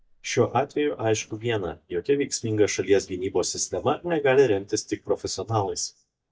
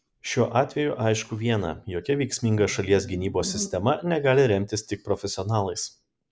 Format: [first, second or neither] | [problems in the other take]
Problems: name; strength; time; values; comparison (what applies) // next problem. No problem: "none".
second | noise reduction (neural mask model DeepFilterNet 3)